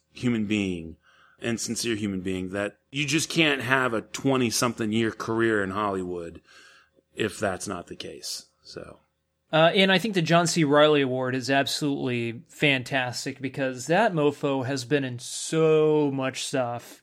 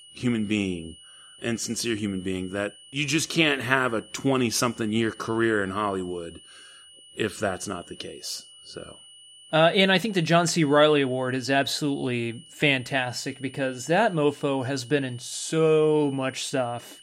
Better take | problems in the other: first | high-pitched whine; faint; throughout; 3 kHz, 20 dB below the speech

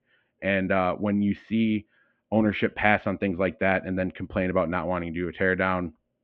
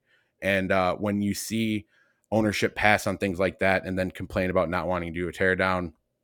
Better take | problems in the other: second | muffled; very; fading above 3 kHz

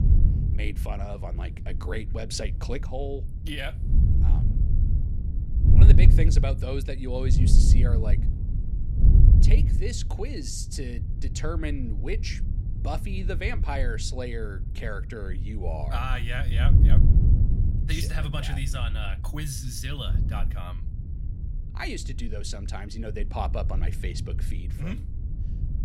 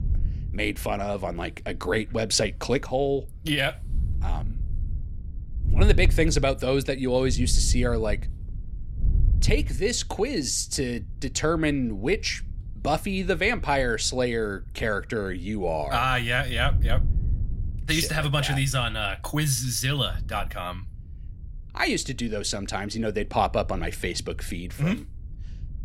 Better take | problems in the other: second | wind noise on the microphone; heavy; 6 dB below the speech; occasional gusts in the second

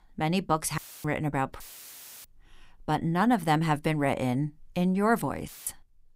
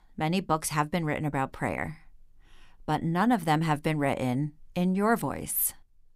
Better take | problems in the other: second | audio cutting out; filled with static; at 1 s, at 1.5 s for 0.5 s and at 5.5 s

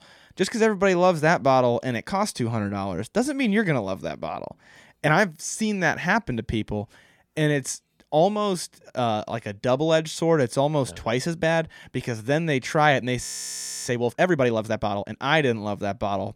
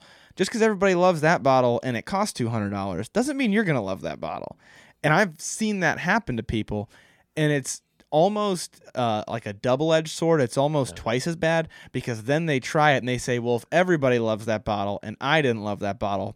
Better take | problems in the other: second | audio freezing; at 13 s for 0.5 s

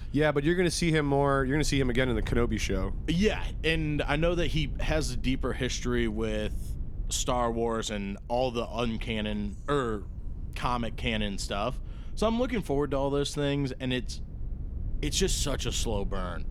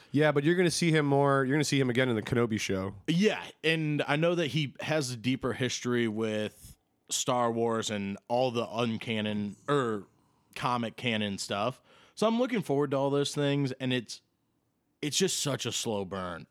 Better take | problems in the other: second | low rumble; faint; throughout; 25 dB below the speech

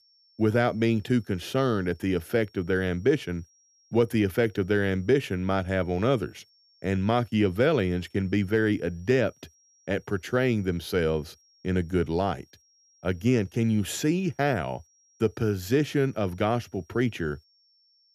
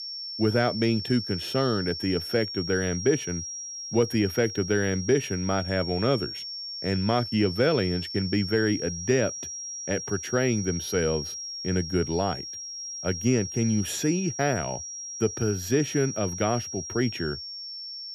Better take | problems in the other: first | high-pitched whine; loud; throughout; 5.5 kHz, 7 dB below the speech; faint in the first

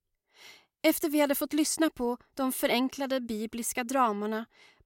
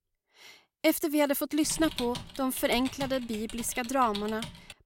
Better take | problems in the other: first | keyboard typing; noticeable; from 1.5 s on; peak 8 dB below the speech

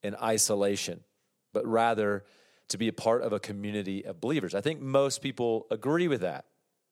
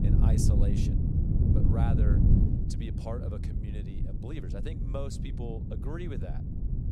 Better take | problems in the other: first | wind noise on the microphone; heavy; 2 dB above the speech

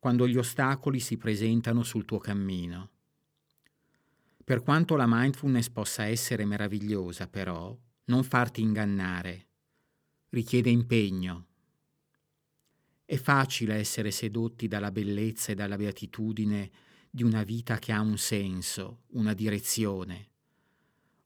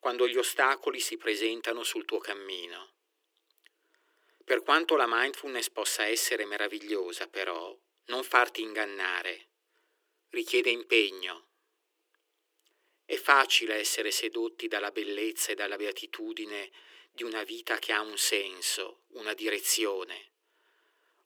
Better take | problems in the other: first | thin; very; fading below 350 Hz

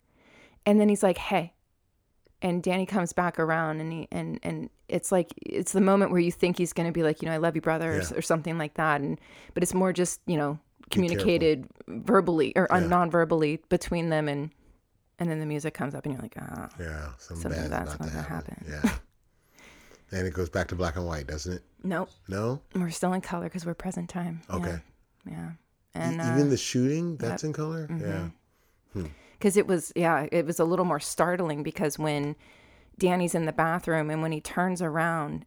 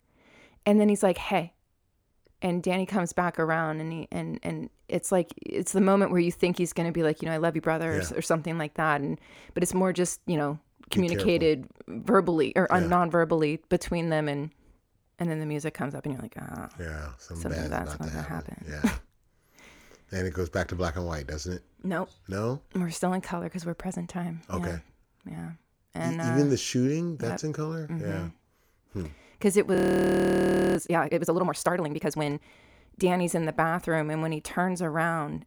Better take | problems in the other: first | audio freezing; at 30 s for 1 s

